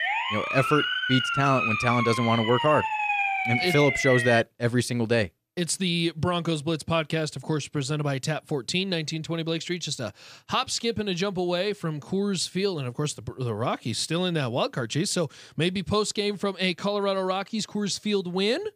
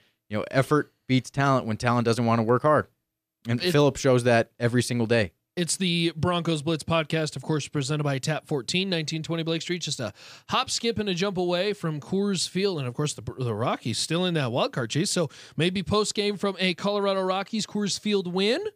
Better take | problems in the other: second | siren; loud; until 4.5 s; peak 2 dB above the speech

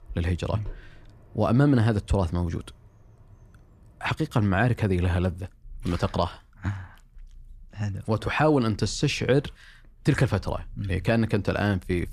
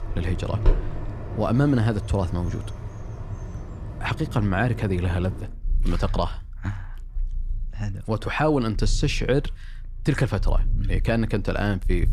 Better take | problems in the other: first | animal sounds; loud; throughout; 7 dB below the speech; faint in the first

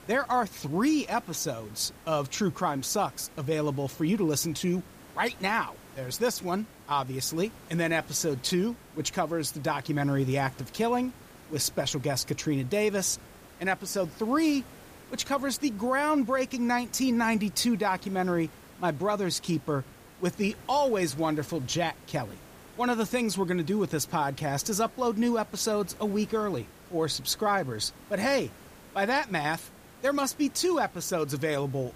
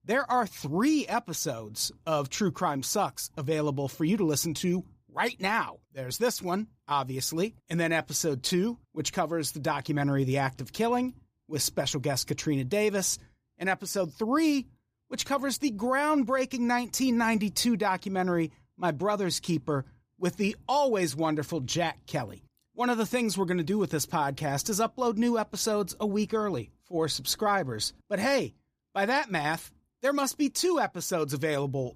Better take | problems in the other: second | hiss; faint; throughout; 20 dB below the speech

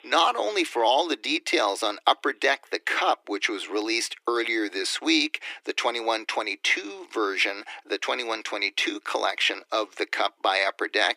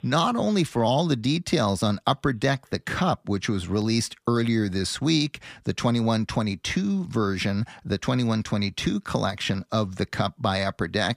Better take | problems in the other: second | thin; very; fading below 300 Hz

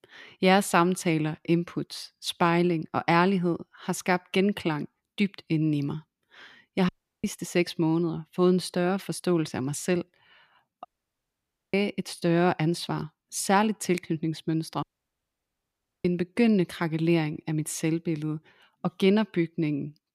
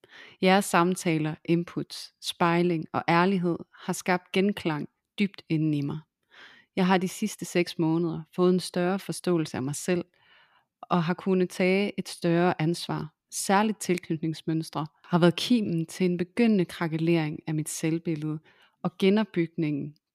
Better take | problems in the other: second | audio cutting out; at 7 s, at 11 s for 1 s and at 15 s for 1 s

